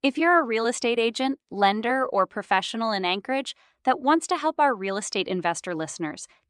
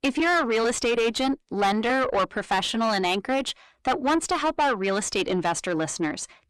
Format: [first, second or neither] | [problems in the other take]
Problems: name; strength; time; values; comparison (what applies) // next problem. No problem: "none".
first | distortion; heavy; 6 dB below the speech